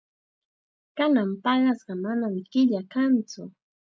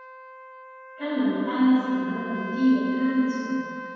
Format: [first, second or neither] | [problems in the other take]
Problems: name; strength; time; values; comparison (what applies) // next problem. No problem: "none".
first | background sound (Trumpet); 12 dB below the speech // room echo; dies away in 2.1 s